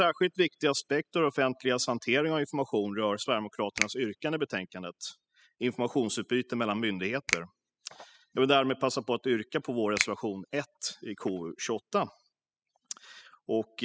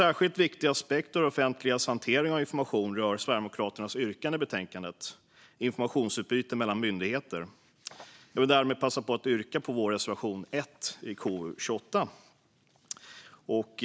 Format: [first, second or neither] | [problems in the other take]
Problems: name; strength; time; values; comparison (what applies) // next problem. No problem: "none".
second | noise reduction (classical method spectral subtraction)